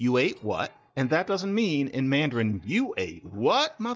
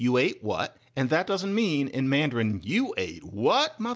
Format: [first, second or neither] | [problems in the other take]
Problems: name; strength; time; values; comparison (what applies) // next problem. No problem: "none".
second | noise reduction (neural mask model DeepFilterNet 3)